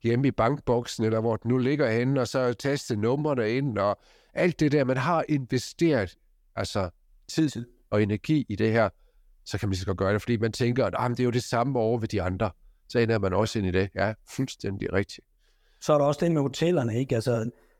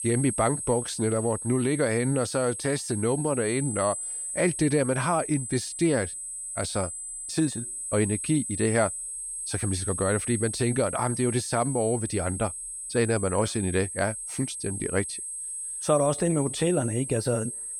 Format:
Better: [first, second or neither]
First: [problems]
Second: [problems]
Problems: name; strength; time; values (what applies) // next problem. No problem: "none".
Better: first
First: none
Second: high-pitched whine; loud; throughout; 8 kHz, 5 dB below the speech